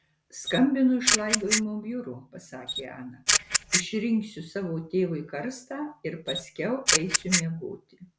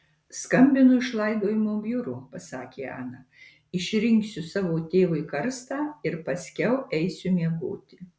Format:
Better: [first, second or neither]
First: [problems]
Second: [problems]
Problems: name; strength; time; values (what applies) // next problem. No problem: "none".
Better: second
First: background sound (Camera); 2 dB above the speech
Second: none